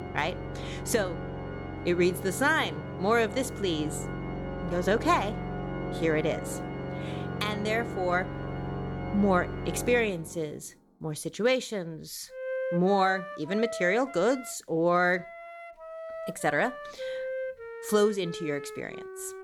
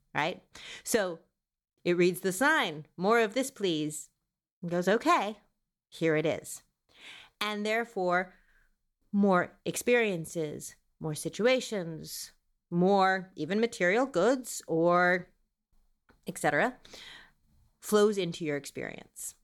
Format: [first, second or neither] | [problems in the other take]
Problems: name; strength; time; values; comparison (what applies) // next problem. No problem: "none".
second | background music; loud; throughout; 8 dB below the speech